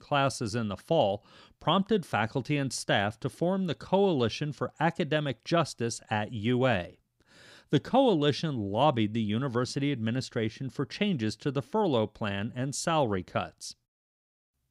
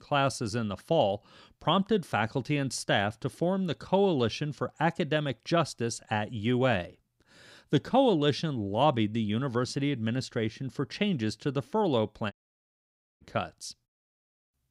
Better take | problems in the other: first | audio cutting out; at 12 s for 1 s

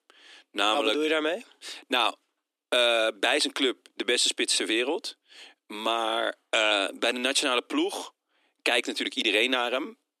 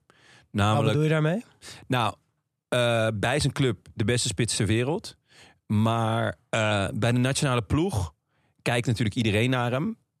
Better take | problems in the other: second | thin; somewhat; fading below 300 Hz

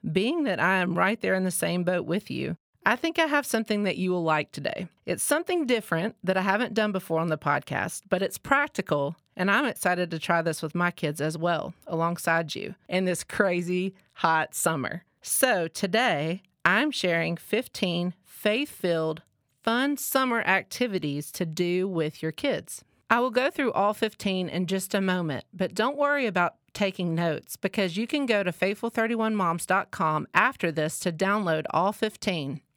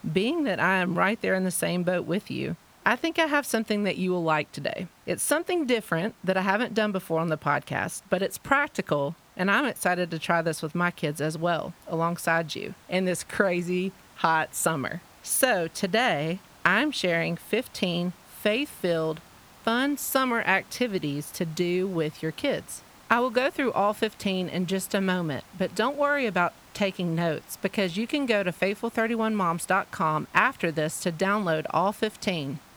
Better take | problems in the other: first | hiss; faint; throughout; 25 dB below the speech

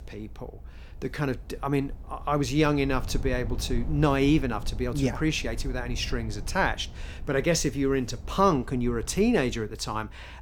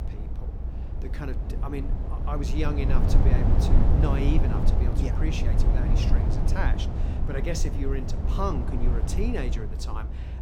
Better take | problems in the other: first | low rumble; loud; throughout; 2 dB below the speech; faint in the first

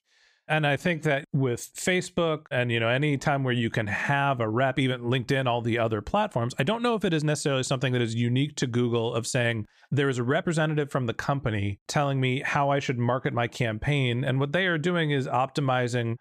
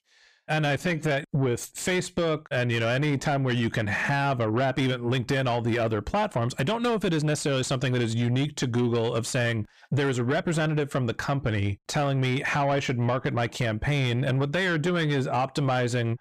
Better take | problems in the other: first | distortion; slight; 10 dB below the speech

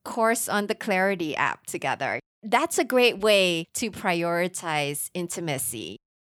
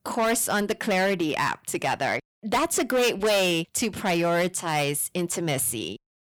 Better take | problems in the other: first | distortion; heavy; 12% of the sound clipped

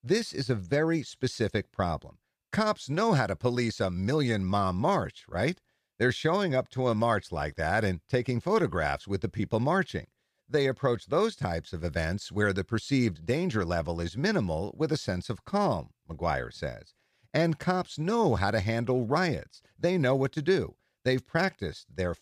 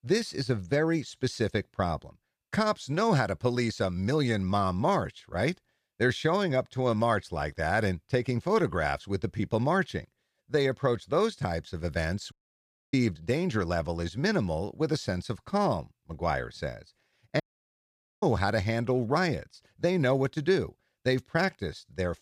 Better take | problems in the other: first | audio cutting out; at 12 s for 0.5 s and at 17 s for 1 s

